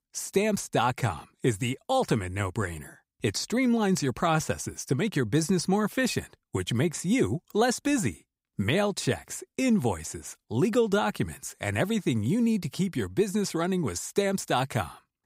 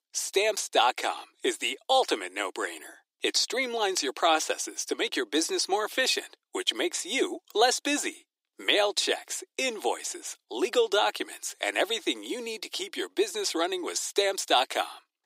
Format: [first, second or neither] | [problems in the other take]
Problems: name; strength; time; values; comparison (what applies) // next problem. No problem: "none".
first | thin; very; fading below 300 Hz